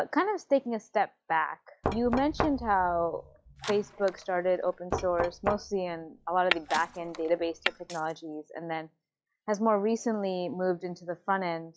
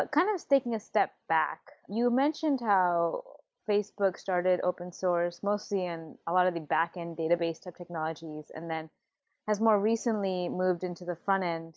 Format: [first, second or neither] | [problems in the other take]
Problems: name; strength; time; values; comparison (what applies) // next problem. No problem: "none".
second | noise reduction (classical method log-MMSE)